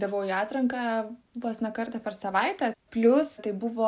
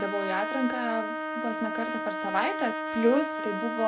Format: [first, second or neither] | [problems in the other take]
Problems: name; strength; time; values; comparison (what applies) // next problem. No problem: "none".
first | background sound (Trumpet); 3 dB below the speech